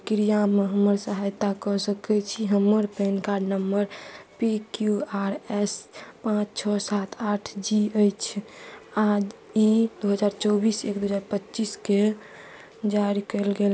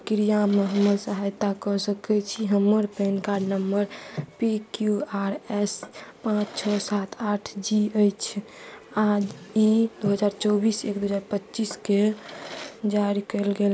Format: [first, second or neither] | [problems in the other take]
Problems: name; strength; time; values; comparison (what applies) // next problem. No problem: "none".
first | background sound (Drawer open or close); 20 dB below the speech